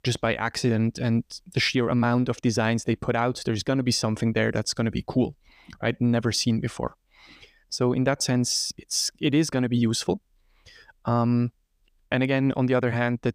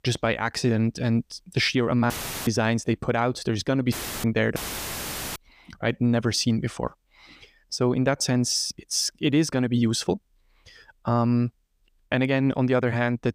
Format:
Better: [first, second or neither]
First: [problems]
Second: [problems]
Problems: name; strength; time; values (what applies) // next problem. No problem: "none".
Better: first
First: none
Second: audio cutting out; filled with static; at 2 s, at 4 s and at 4.5 s for 1 s